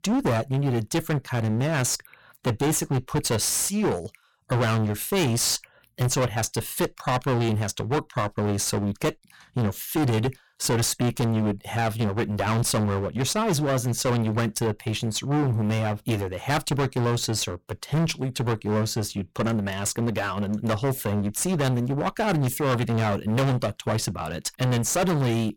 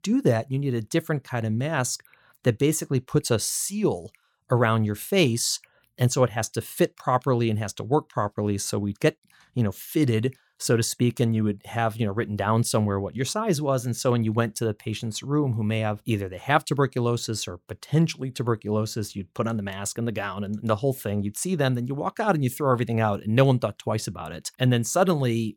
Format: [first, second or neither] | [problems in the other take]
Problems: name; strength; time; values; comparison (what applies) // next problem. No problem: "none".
second | distortion; heavy; 23% of the sound clipped